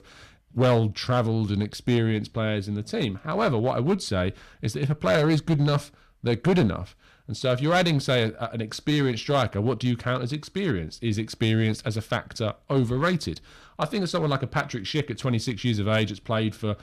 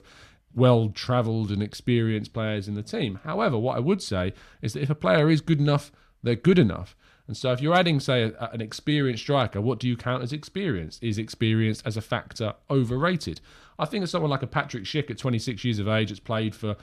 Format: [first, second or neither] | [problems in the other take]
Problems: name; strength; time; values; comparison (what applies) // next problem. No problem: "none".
second | distortion; slight; 5% of the sound clipped